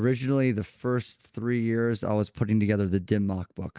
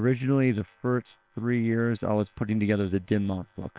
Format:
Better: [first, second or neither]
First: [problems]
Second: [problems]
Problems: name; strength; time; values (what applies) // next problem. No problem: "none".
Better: first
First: none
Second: noise reduction (neural separator model SepFormer WHAM!)